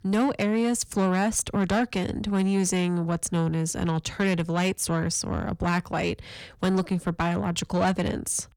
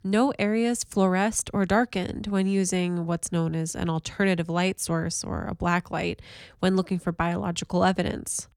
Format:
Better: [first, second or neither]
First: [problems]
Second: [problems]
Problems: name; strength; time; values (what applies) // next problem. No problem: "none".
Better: second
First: distortion; slight; 10 dB below the speech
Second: none